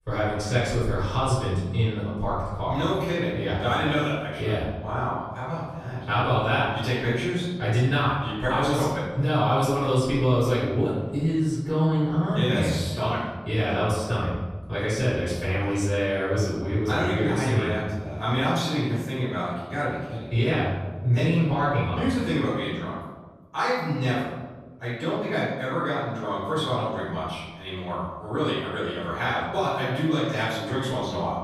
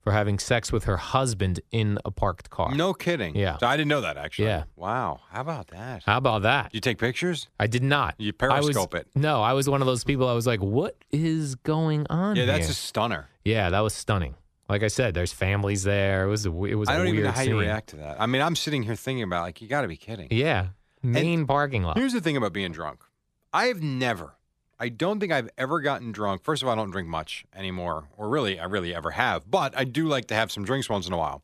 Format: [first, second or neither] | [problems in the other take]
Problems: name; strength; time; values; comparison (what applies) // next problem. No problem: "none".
second | room echo; strong; dies away in 1.2 s // off-mic speech; far